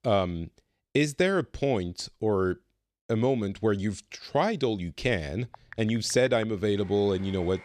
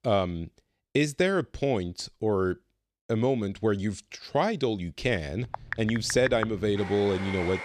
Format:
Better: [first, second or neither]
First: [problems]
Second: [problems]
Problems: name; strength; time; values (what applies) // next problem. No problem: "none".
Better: first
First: household noises; faint; from 6 s on; 20 dB below the speech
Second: household noises; loud; from 6 s on; 9 dB below the speech